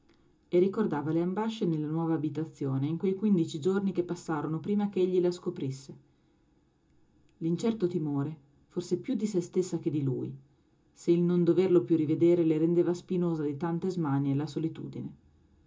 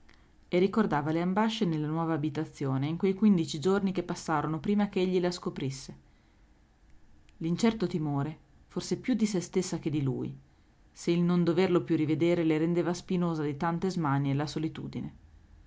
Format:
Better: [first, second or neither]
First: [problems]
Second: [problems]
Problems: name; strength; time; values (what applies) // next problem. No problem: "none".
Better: second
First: room echo; dies away in 0.2 s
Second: none